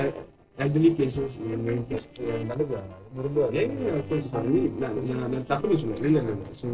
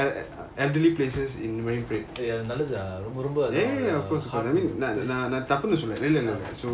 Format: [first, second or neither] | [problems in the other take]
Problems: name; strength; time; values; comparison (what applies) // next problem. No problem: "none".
second | noise reduction (neural separator model SepFormer DNS4)